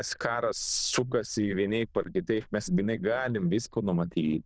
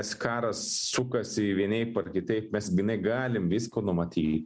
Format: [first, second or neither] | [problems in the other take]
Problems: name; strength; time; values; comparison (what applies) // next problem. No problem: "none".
second | noise reduction (neural diffusion model UNIVERSE++)